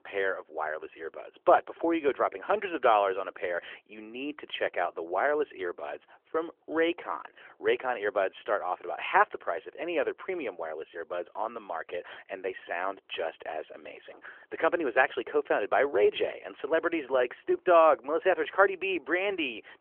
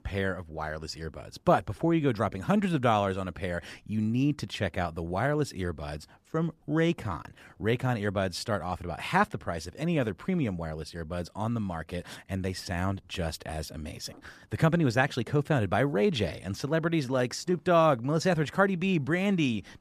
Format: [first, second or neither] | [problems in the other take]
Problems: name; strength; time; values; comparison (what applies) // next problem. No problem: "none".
second | phone-call audio; nothing above 3.5 kHz